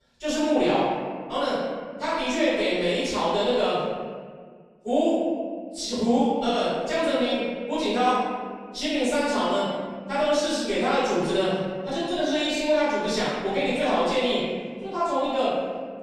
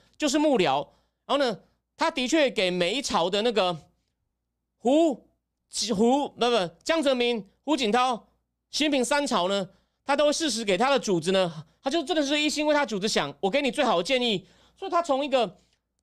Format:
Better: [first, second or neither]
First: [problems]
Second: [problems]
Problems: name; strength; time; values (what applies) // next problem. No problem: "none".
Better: second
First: off-mic speech; far // room echo; strong; dies away in 1.6 s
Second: none